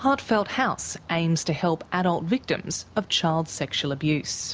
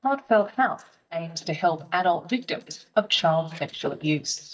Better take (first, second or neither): first